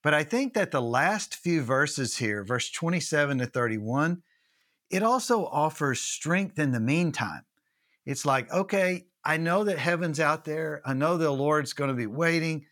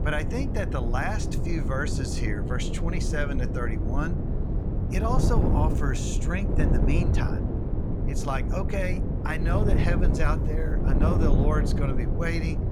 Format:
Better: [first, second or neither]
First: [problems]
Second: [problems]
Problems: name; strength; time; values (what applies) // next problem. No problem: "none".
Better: first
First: none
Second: wind noise on the microphone; heavy; 3 dB below the speech